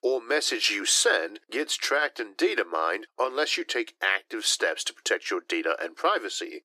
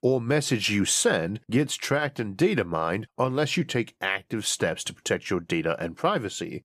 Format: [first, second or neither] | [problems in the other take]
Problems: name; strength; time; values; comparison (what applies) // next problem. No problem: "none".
second | thin; very; fading below 300 Hz